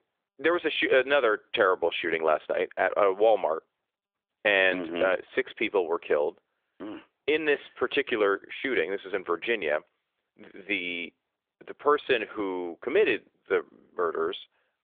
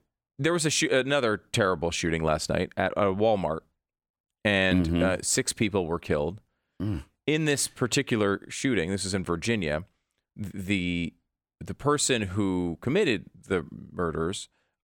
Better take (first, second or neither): second